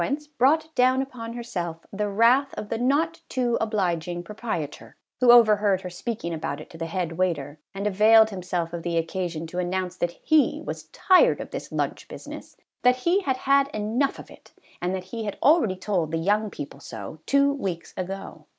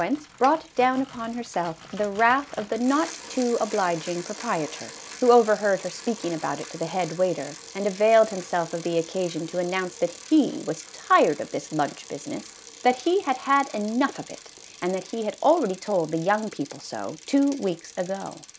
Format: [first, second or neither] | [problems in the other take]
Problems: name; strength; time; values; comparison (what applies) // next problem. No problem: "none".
first | background sound (Bicycle); 18 dB below the speech